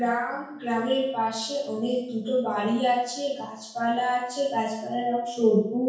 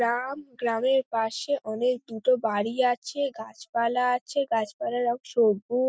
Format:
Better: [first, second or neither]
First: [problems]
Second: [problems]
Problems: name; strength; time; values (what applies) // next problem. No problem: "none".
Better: second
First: room echo; dies away in 0.6 s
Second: none